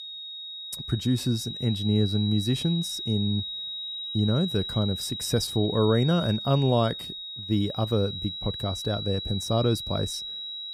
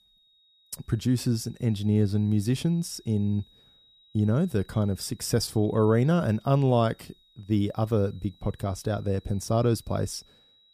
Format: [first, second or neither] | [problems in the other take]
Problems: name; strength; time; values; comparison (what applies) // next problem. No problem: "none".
second | high-pitched whine; loud; throughout; 4 kHz, 6 dB below the speech; faint in the second